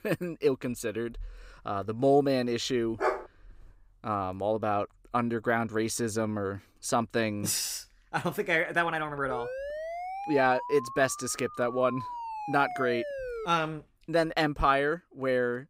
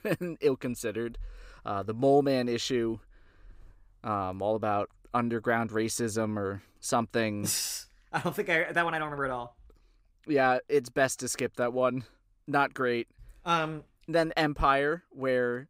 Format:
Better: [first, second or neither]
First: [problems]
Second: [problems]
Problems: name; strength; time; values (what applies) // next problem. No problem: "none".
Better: second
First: dog barking; noticeable; at 3 s; peak 2 dB below the speech // siren; noticeable; from 9.5 to 13 s; peak 7 dB below the speech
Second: none